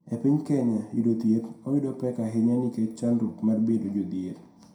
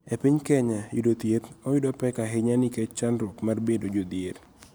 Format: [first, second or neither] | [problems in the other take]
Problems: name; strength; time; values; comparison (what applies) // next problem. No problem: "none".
second | room echo; dies away in 0.4 s